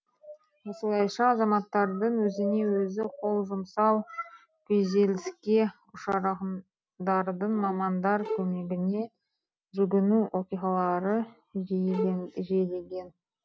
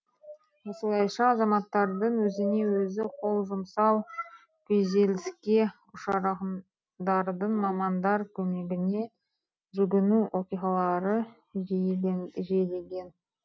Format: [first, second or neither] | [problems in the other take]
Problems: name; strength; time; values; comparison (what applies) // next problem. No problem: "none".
second | background sound (Bowed string instrument); 10 dB below the speech